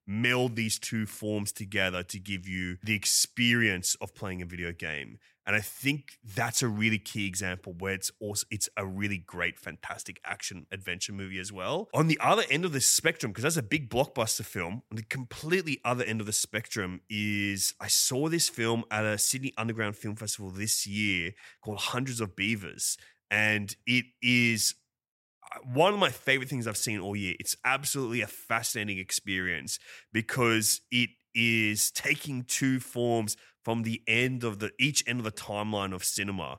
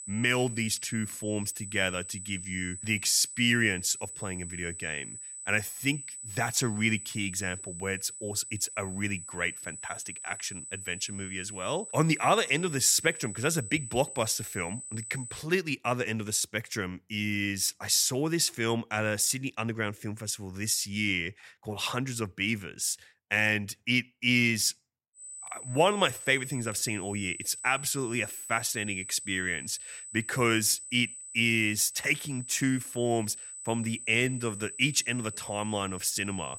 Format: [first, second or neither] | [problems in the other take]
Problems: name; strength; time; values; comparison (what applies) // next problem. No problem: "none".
first | high-pitched whine; noticeable; until 15 s and from 25 s on; 8 kHz, 10 dB below the speech